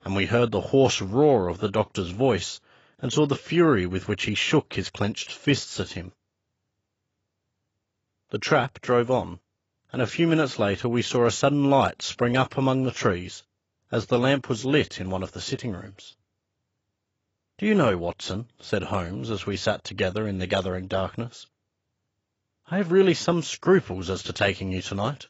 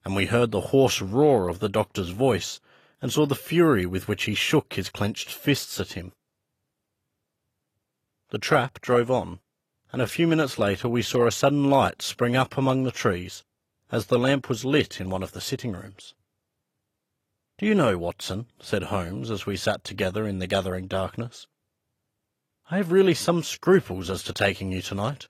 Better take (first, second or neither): second